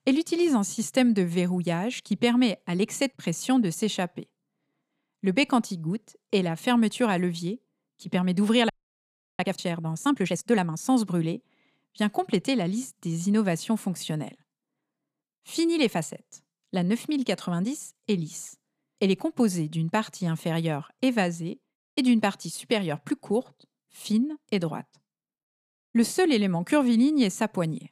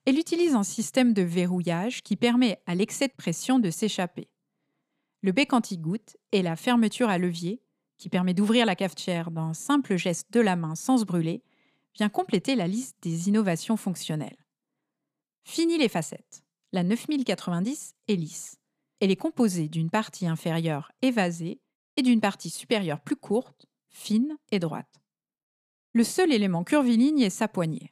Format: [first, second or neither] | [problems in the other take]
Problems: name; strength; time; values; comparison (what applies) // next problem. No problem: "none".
second | audio freezing; at 8.5 s for 0.5 s